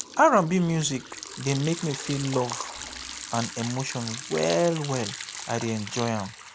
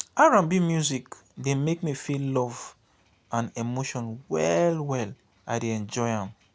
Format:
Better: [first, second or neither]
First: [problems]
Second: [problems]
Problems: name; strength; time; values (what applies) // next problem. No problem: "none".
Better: second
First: background sound (Liquid); 11 dB below the speech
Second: none